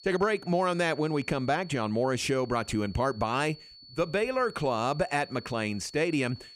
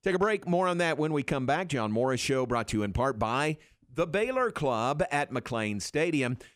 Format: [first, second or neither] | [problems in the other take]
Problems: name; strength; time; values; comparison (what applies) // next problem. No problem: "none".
second | high-pitched whine; noticeable; throughout; 4.5 kHz, 20 dB below the speech